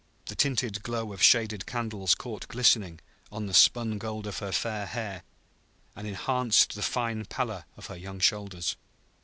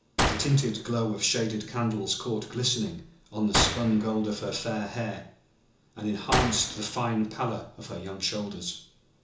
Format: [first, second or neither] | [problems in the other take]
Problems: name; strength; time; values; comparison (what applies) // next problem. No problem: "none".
first | background sound (Gunshot, gunfire); 5 dB below the speech // room echo; dies away in 0.7 s